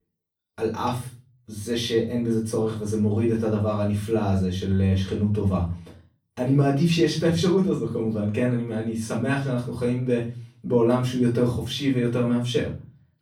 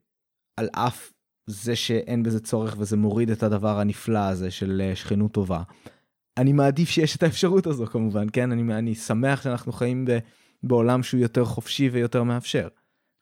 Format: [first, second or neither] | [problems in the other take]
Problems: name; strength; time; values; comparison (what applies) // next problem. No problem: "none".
second | off-mic speech; far // room echo; slight; dies away in 0.3 s